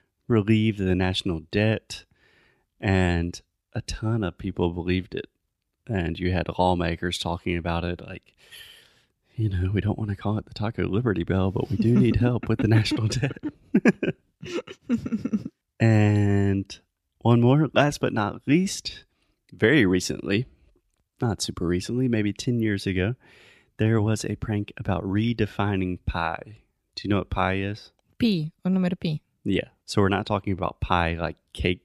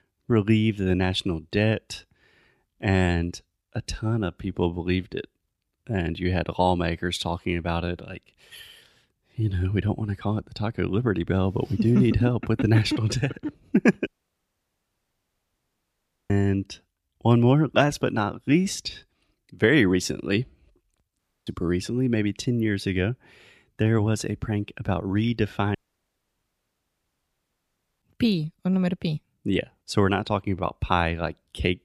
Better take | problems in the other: first | audio cutting out; at 14 s for 2 s, at 21 s and at 26 s for 2.5 s

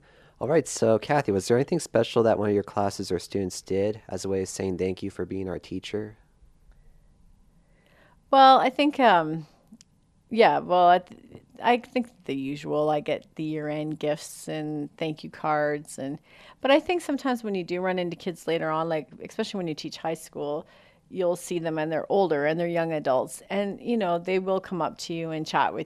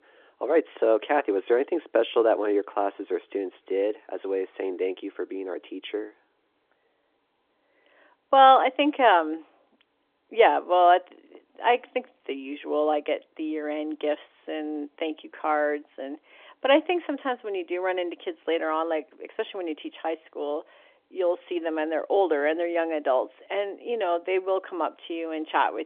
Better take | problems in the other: first | phone-call audio; nothing above 3.5 kHz

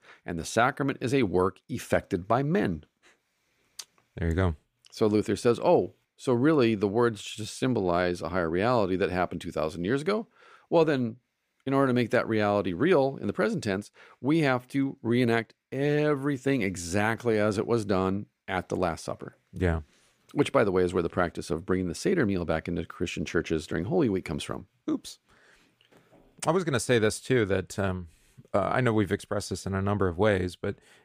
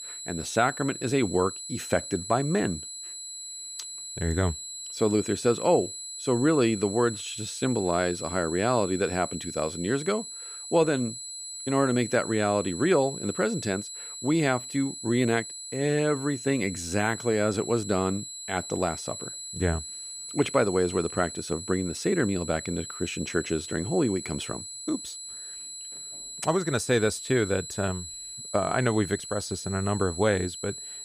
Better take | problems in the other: first | high-pitched whine; loud; throughout; 8 kHz, 9 dB below the speech

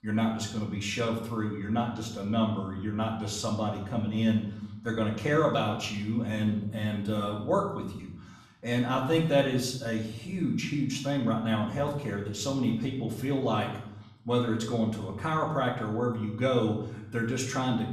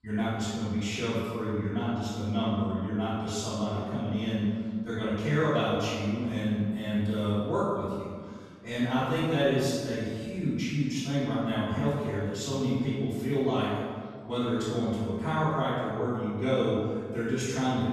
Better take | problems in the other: first | room echo; strong; dies away in 1.6 s; slight in the first // off-mic speech; far; far in the first

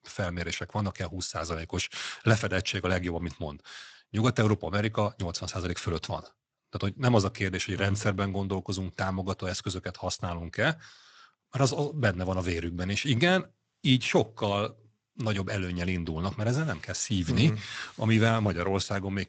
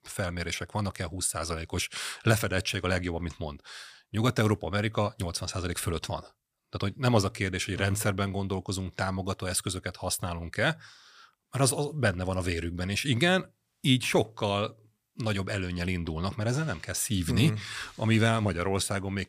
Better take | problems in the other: second | garbled, watery; slightly; nothing above 8 kHz

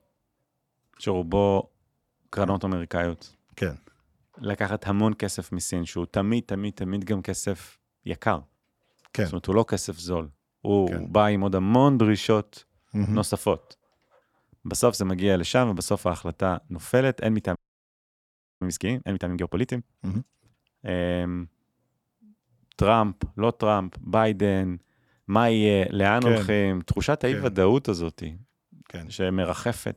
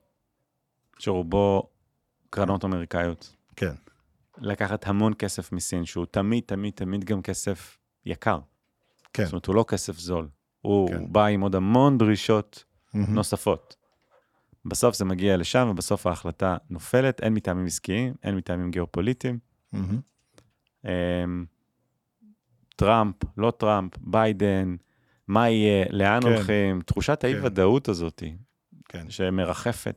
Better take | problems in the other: second | audio freezing; at 18 s for 1 s

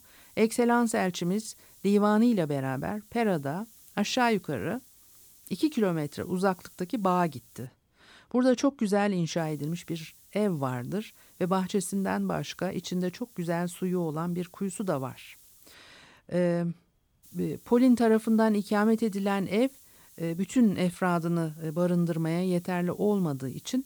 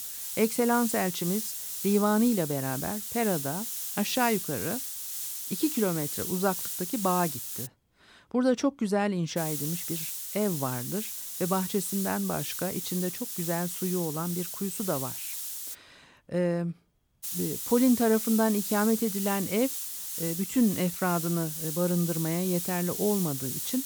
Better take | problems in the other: first | hiss; loud; until 7.5 s, from 9.5 to 16 s and from 17 s on; 4 dB below the speech; faint in the first

